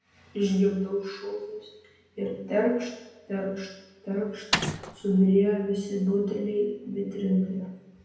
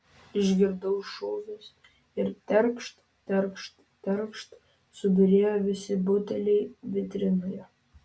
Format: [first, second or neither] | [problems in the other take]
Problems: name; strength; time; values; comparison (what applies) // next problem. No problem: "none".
second | background sound (Mechanisms); 2 dB below the speech // room echo; dies away in 0.9 s